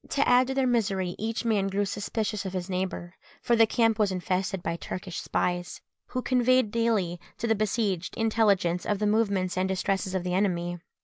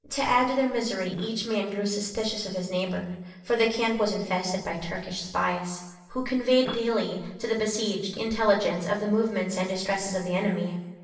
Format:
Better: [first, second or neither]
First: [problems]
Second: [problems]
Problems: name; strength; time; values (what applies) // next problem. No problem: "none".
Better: first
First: none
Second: noise reduction (neural separator model SepFormer DNS4)